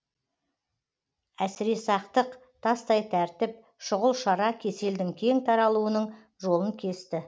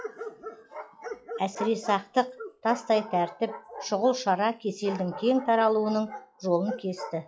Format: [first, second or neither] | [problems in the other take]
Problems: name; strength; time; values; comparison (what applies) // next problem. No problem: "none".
first | noise reduction (classical method log-MMSE)